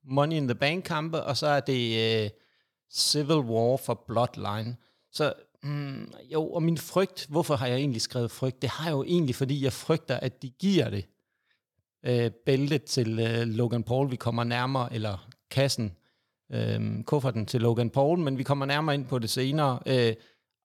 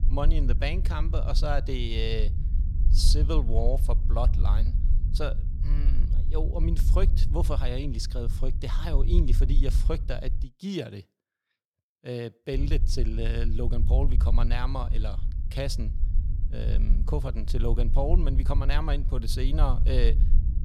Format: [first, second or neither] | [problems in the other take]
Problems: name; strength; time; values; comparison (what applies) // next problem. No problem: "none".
first | low rumble; noticeable; until 10 s and from 13 s on; 10 dB below the speech